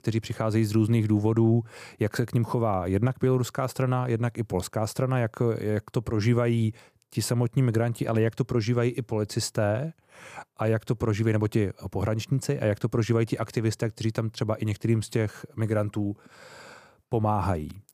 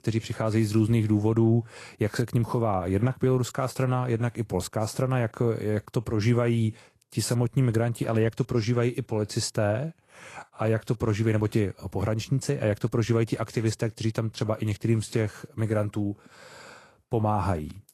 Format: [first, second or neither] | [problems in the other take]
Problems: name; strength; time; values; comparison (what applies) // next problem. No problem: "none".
first | garbled, watery; slightly; nothing above 12.5 kHz